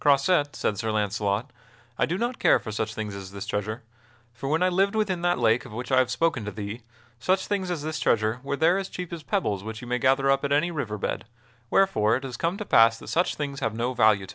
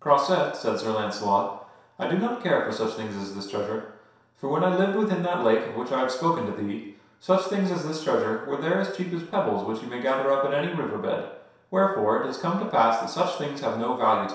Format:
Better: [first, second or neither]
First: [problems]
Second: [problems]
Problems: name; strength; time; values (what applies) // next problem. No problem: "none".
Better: first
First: none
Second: room echo; dies away in 0.7 s